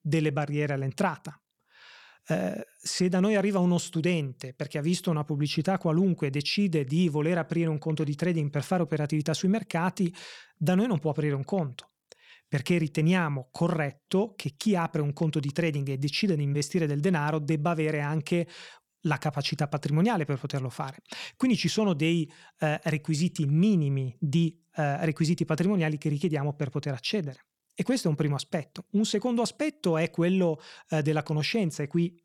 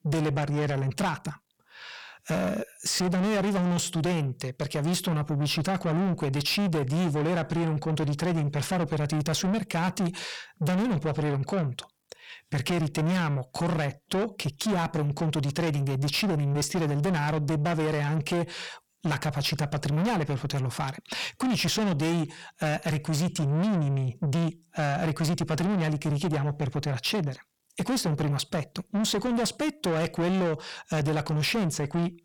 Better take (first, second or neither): first